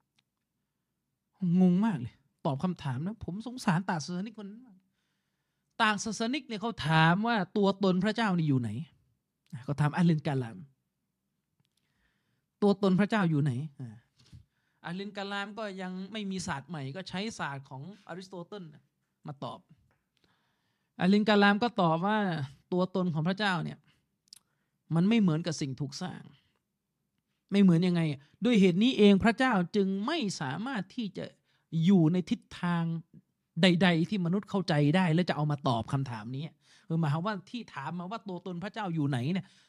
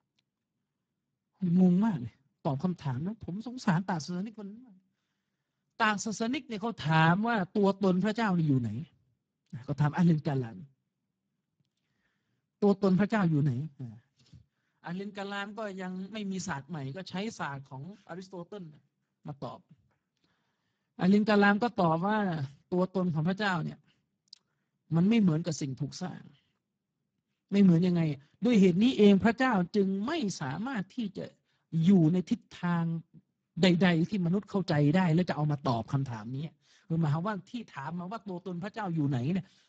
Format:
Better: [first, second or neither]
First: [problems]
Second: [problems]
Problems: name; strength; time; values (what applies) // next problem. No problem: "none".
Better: first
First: none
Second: garbled, watery; badly; nothing above 7.5 kHz